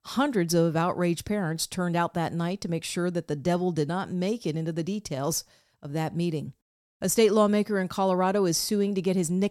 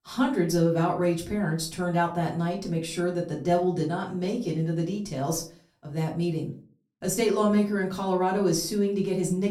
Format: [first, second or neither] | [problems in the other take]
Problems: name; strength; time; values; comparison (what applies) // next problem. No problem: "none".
first | room echo; slight; dies away in 0.3 s // off-mic speech; far